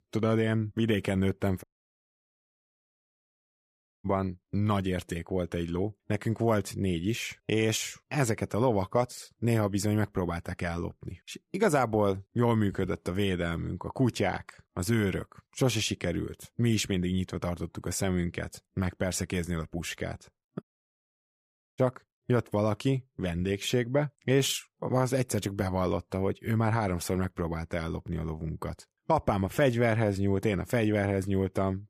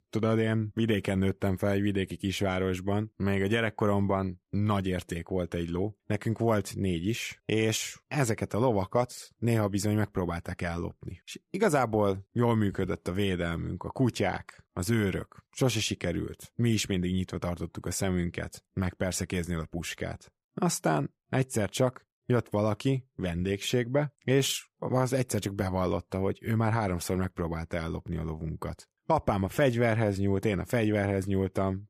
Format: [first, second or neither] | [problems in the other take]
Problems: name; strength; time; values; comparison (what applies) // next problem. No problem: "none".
second | audio cutting out; at 1.5 s for 2.5 s and at 21 s for 1 s